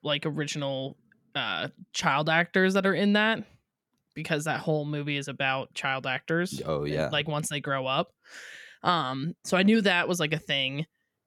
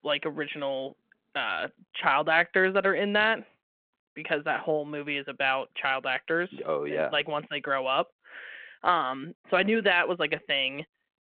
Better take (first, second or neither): first